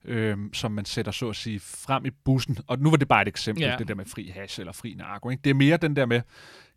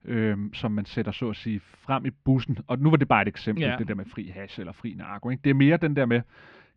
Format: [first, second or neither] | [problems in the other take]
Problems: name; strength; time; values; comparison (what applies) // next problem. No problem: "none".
first | muffled; slightly; fading above 3 kHz